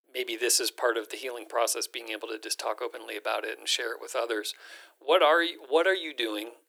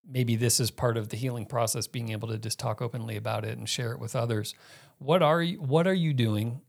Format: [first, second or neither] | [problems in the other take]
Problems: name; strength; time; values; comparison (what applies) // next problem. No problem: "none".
second | thin; very; fading below 300 Hz